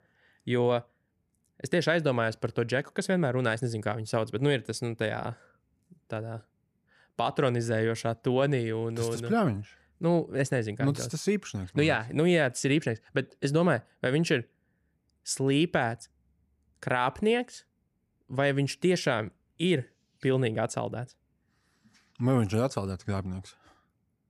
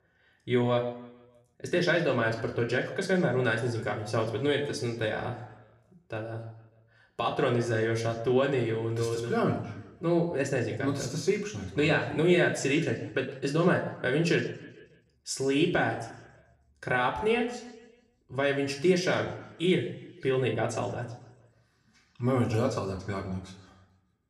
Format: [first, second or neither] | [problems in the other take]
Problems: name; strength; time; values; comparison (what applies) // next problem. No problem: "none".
first | room echo; slight; dies away in 0.8 s // off-mic speech; somewhat distant